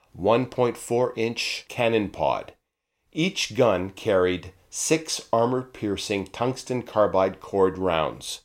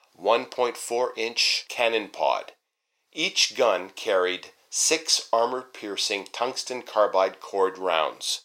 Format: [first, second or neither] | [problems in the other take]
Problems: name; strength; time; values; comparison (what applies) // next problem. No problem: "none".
first | thin; somewhat; fading below 550 Hz